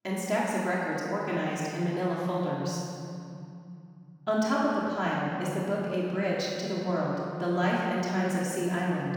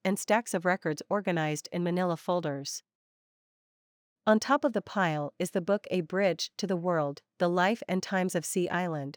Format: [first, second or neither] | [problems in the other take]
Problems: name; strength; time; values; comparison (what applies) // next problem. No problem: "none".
second | room echo; strong; dies away in 2.8 s // off-mic speech; far